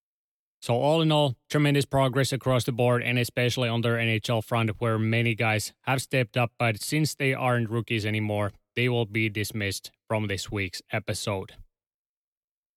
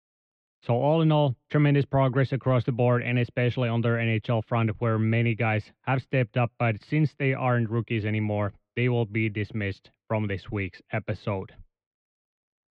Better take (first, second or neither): first